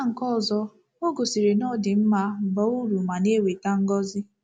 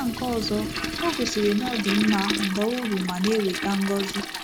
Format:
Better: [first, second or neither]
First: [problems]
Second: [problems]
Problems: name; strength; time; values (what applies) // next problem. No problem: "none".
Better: first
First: none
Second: background sound (Toilet flush); 5 dB below the speech